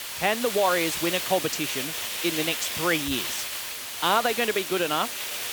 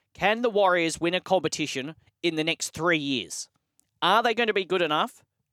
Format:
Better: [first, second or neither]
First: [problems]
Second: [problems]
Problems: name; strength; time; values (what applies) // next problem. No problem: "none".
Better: second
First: hiss; loud; throughout; 3 dB below the speech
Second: none